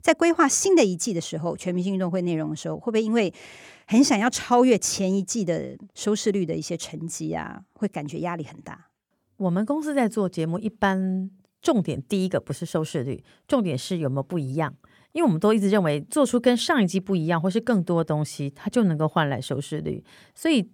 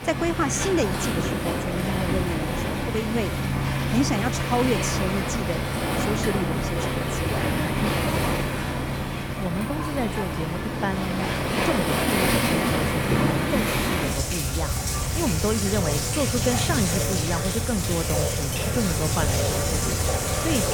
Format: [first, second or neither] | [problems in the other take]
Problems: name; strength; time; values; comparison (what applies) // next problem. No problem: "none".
first | rain or running water; very loud; throughout; 4 dB above the speech